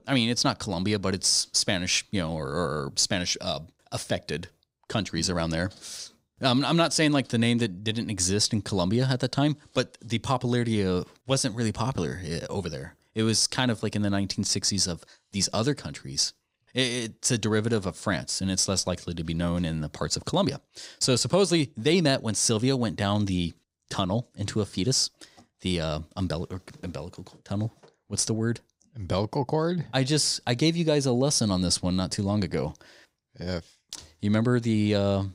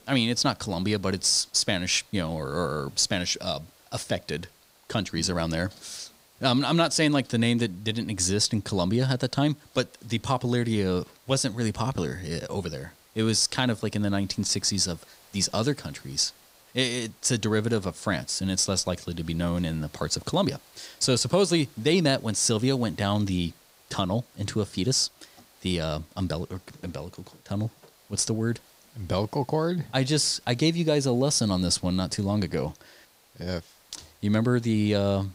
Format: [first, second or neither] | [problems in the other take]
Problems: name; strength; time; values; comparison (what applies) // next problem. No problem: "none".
first | hiss; faint; throughout; 30 dB below the speech